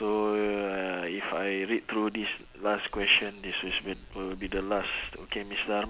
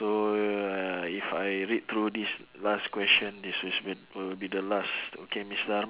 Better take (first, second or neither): second